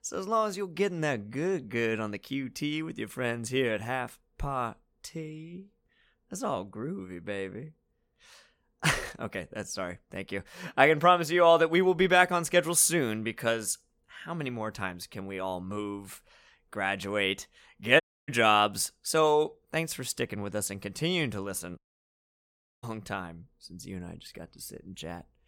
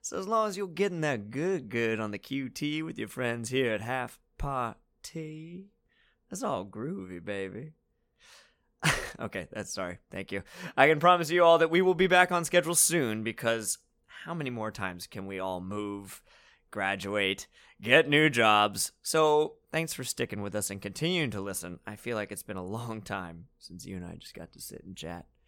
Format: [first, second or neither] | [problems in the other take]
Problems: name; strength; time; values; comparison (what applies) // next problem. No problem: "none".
second | audio cutting out; at 18 s and at 22 s for 1 s